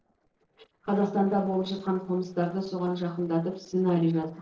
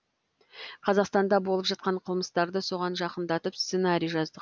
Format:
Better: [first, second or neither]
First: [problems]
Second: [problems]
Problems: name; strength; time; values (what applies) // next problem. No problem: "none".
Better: second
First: noise reduction (neural separator model SepFormer DNS4)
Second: none